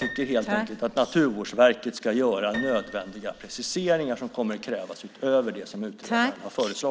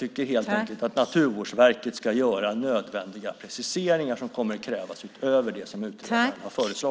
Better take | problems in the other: second | background sound (Piano); 15 dB below the speech

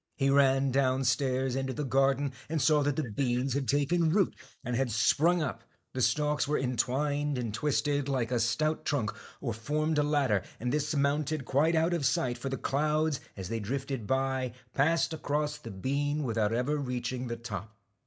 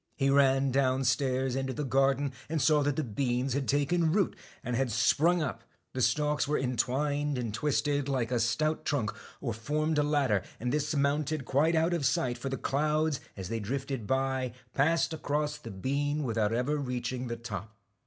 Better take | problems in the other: second | noise reduction (neural mask model Resemble Enhance denoiser)

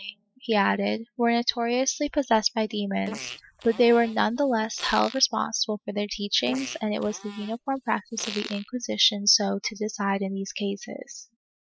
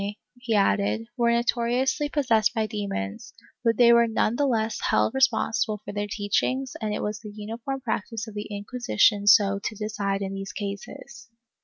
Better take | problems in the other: second | noise reduction (classical method spectral subtraction)

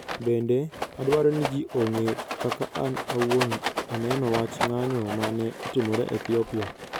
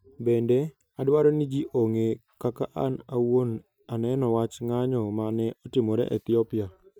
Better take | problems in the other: second | background sound (Rattle); 6 dB below the speech

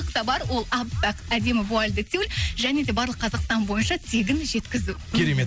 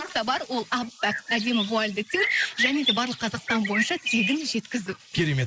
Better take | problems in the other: first | noise reduction (neural mask model Resemble Enhance denoiser)

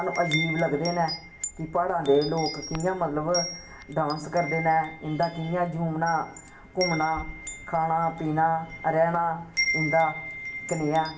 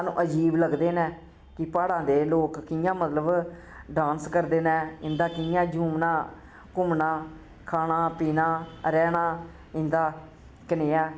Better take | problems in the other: second | background sound (Wind chime); 9 dB below the speech // room echo; dies away in 0.2 s

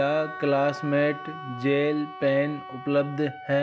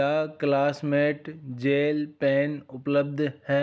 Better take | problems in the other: second | background sound (Wind instrument, woodwind instrument); 13 dB below the speech

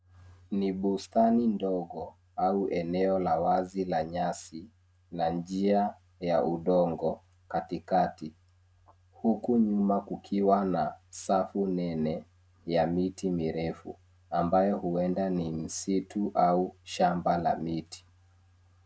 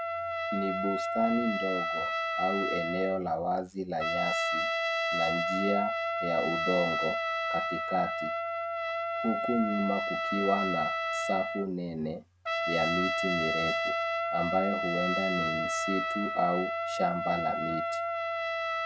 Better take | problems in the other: first | background sound (Trumpet); 1 dB above the speech

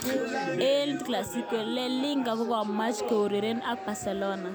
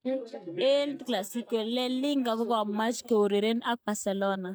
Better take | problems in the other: first | noise reduction (neural mask model DeepFilterNet 3)

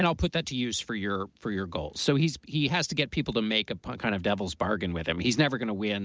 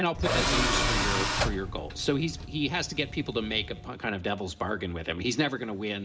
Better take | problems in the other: first | background sound (Tools); 1 dB above the speech // room echo; dies away in 2.8 s

